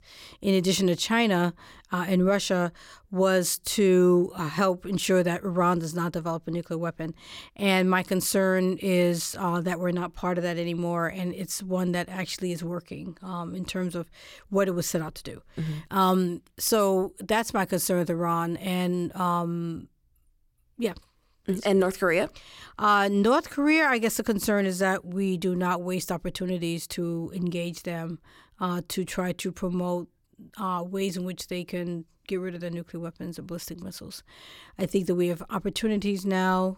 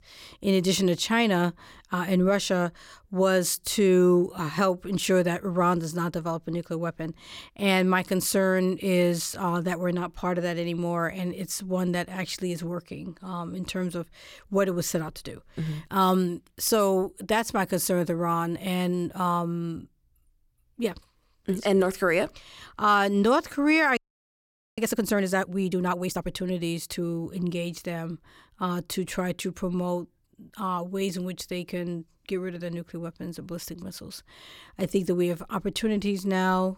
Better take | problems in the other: first | audio freezing; at 24 s for 1 s

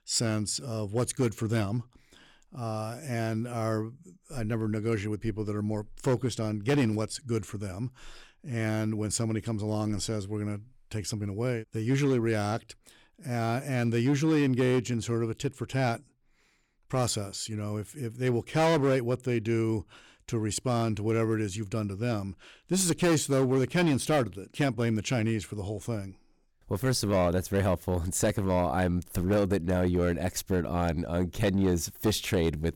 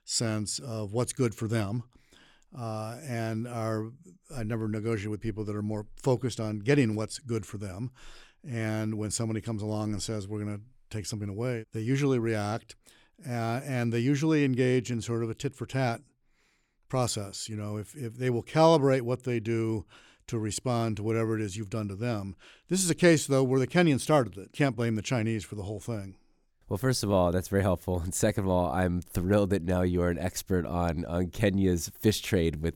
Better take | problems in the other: second | distortion; slight; 4% of the sound clipped

